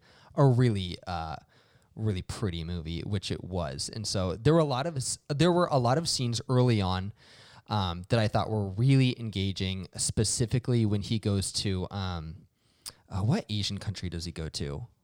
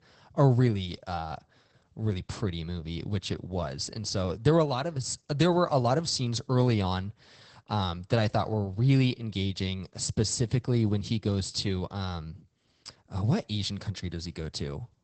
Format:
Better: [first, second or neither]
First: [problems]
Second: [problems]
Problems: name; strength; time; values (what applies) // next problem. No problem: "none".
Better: first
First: none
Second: garbled, watery; badly; nothing above 8 kHz